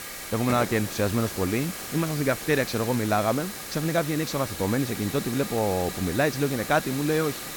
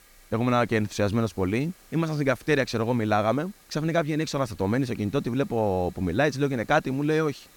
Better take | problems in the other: second | hiss; loud; throughout; 7 dB below the speech; faint in the second

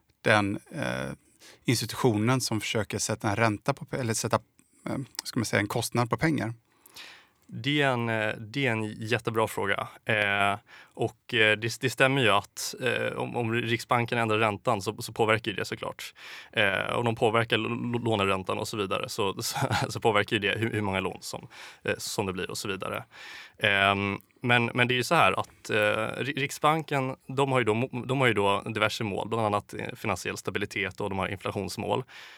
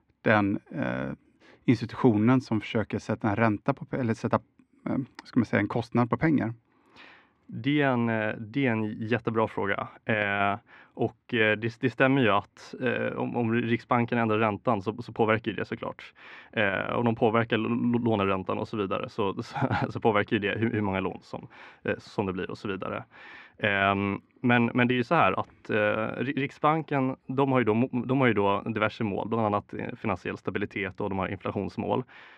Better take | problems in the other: first | muffled; very; fading above 2 kHz

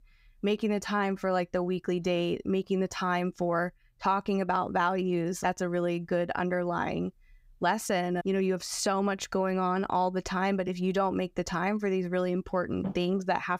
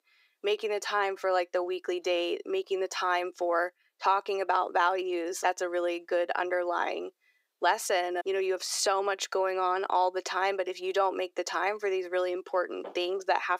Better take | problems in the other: first | thin; very; fading below 350 Hz

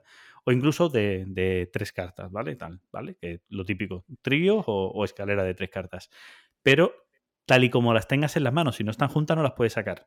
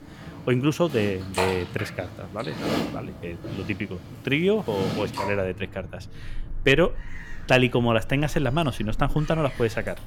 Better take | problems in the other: first | animal sounds; noticeable; throughout; 10 dB below the speech

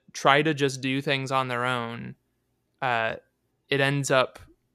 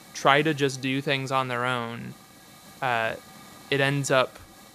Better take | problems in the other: first | hiss; faint; throughout; 25 dB below the speech

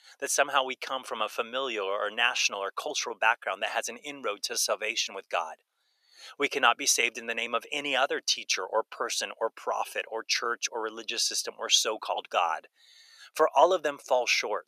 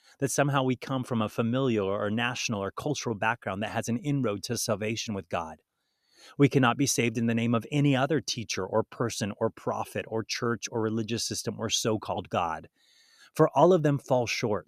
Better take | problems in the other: second | thin; very; fading below 550 Hz

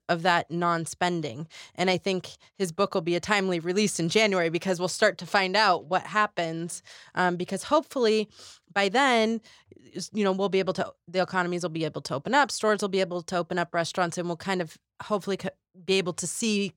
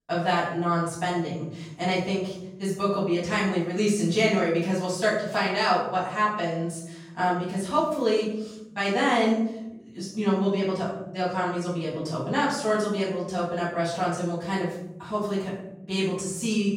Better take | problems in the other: first | off-mic speech; far // room echo; noticeable; dies away in 0.9 s

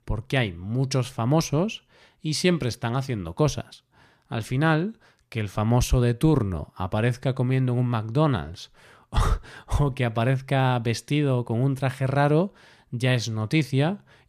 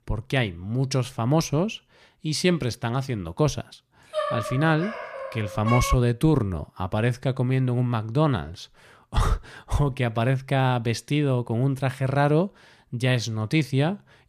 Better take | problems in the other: first | dog barking; noticeable; from 4 to 6 s; peak 2 dB below the speech

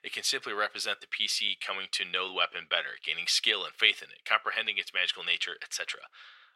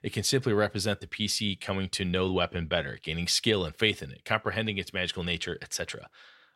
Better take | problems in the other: second | thin; very; fading below 600 Hz

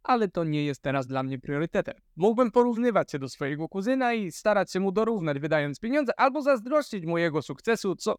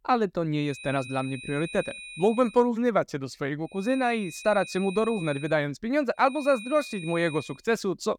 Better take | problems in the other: first | high-pitched whine; noticeable; from 0.5 to 2.5 s, from 4 to 5.5 s and from 6.5 to 7.5 s; 2.5 kHz, 15 dB below the speech

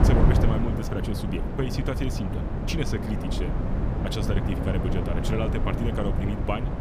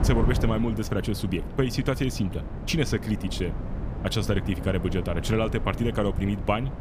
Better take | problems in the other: second | wind noise on the microphone; heavy; as loud as the speech; occasional gusts in the second

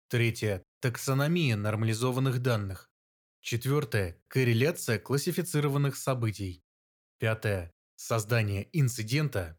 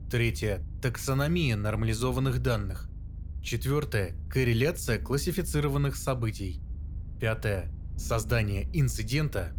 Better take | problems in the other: first | low rumble; faint; throughout; 25 dB below the speech

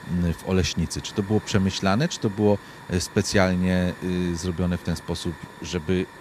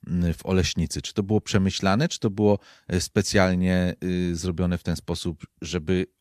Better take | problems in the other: second | hiss; noticeable; throughout; 15 dB below the speech

